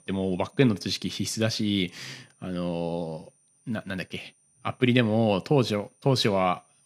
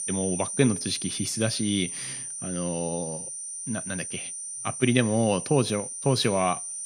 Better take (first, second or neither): first